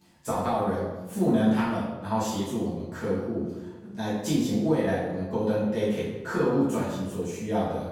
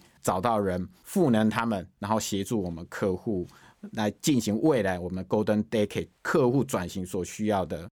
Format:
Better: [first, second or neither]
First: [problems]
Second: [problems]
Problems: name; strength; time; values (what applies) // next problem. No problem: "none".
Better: second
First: off-mic speech; far // room echo; strong; dies away in 0.9 s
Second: none